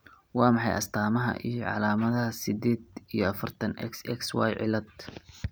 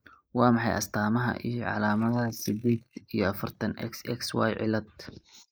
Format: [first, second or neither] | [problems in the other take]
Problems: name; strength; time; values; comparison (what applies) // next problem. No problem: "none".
first | noise reduction (neural mask model Resemble Enhance denoiser)